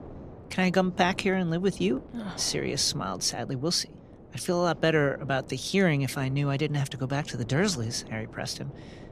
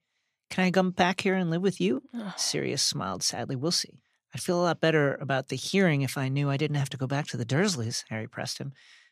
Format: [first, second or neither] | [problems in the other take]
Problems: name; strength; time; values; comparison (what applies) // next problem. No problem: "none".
second | wind noise on the microphone; occasional gusts; 20 dB below the speech